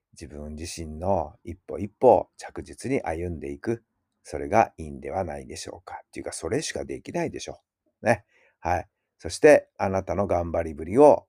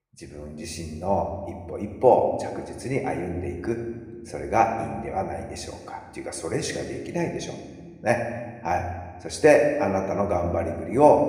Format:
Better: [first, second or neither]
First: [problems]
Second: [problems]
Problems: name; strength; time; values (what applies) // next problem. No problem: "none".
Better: first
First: none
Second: room echo; slight; dies away in 1.3 s // off-mic speech; somewhat distant